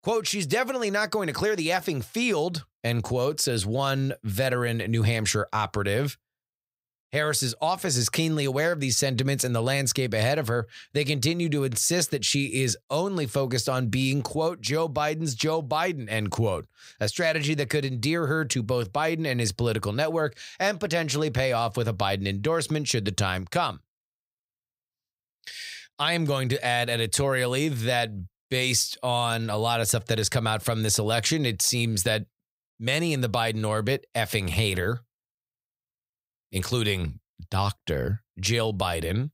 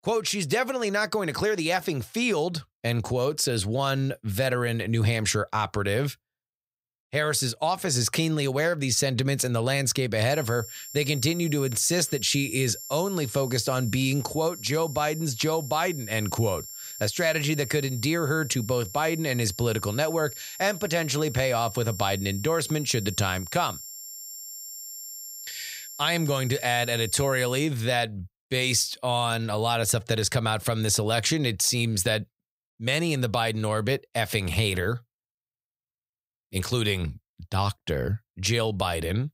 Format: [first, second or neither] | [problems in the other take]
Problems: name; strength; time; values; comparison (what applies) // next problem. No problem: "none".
first | high-pitched whine; noticeable; from 10 to 28 s; 7.5 kHz, 10 dB below the speech